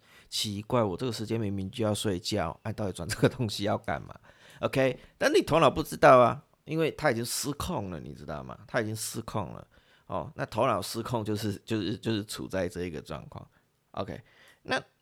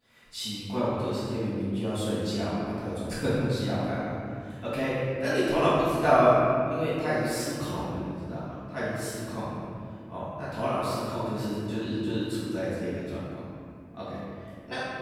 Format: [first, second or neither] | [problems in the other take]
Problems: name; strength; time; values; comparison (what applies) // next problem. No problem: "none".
first | room echo; strong; dies away in 2.5 s // off-mic speech; far